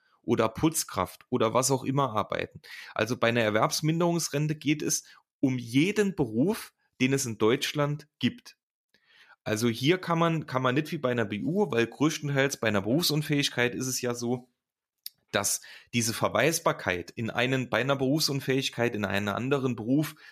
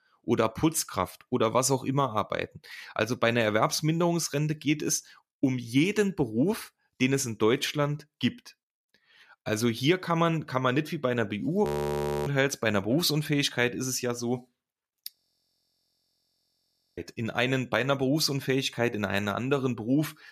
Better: first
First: none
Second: audio freezing; at 12 s for 0.5 s and at 15 s for 2 s

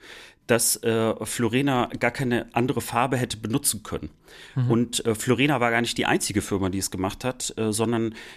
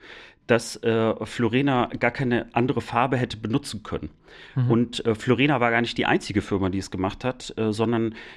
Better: first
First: none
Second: muffled; slightly; fading above 3.5 kHz

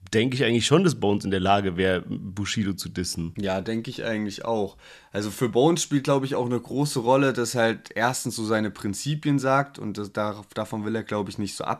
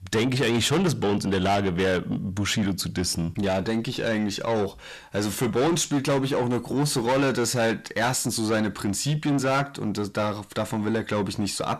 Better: first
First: none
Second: distortion; heavy; 7 dB below the speech

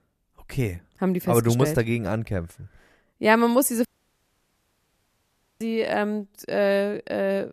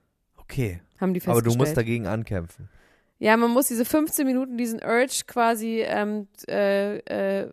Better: second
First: audio cutting out; at 4 s for 1.5 s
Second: none

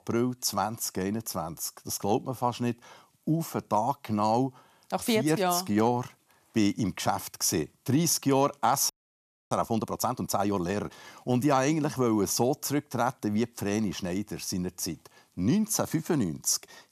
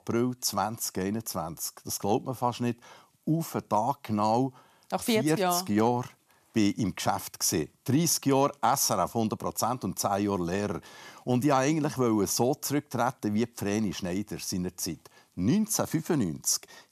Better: second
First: audio freezing; at 9 s for 0.5 s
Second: none

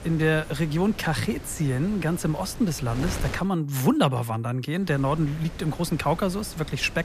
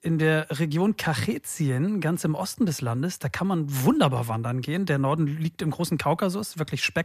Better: second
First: wind noise on the microphone; occasional gusts; until 3.5 s and from 5 s on; 15 dB below the speech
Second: none

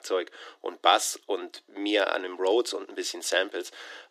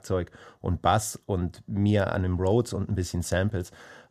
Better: second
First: thin; very; fading below 300 Hz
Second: none

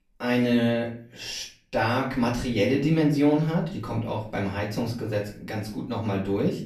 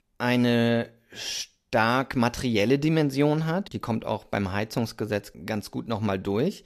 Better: second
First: off-mic speech; far // room echo; slight; dies away in 0.5 s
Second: none

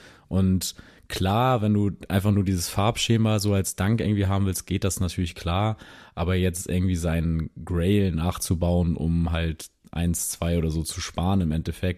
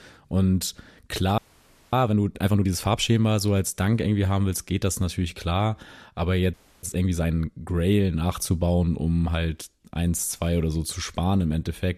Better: first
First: none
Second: audio freezing; at 1.5 s for 0.5 s and at 6.5 s

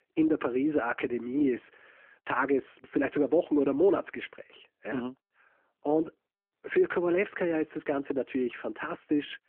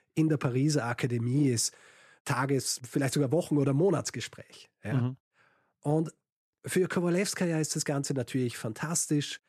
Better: second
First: phone-call audio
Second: none

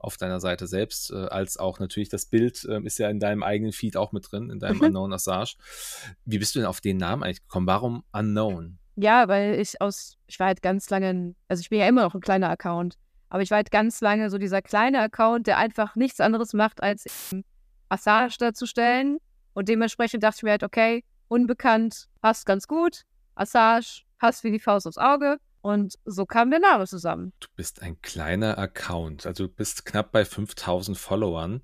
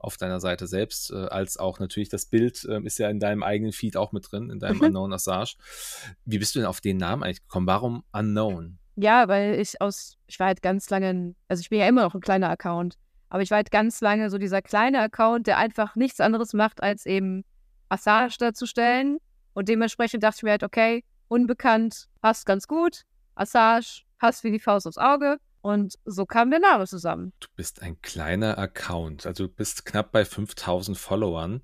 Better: second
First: audio cutting out; filled with static; at 17 s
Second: none

